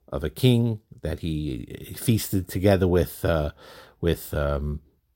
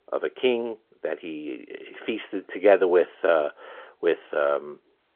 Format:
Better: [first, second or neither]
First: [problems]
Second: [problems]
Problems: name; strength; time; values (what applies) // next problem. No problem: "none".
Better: first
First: none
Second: phone-call audio